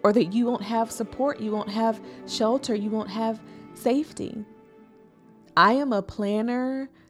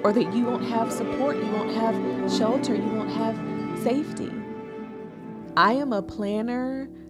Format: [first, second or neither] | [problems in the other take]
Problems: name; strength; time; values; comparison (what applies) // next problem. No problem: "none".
first | background music; loud; throughout; 4 dB below the speech; faint in the first